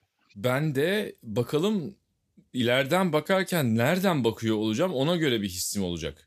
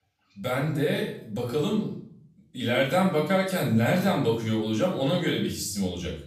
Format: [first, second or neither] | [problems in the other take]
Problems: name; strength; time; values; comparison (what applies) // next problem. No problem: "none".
first | off-mic speech; far // room echo; slight; dies away in 0.5 s